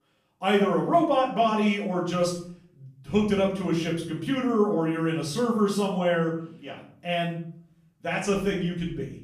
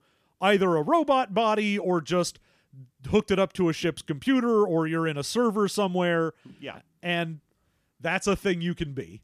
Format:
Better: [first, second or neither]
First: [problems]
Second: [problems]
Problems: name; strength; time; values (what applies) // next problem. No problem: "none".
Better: second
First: off-mic speech; far // room echo; noticeable; dies away in 0.5 s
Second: none